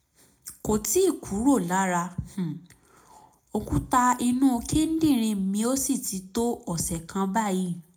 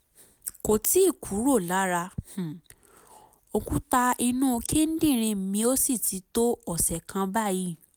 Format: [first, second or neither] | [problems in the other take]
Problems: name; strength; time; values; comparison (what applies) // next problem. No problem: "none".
second | room echo; dies away in 0.3 s